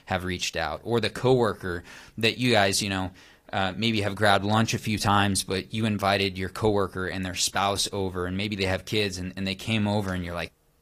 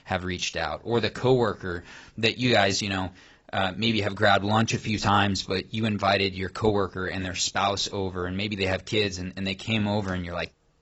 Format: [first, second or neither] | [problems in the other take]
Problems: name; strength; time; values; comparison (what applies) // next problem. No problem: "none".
first | garbled, watery; badly; nothing above 7.5 kHz; slightly in the first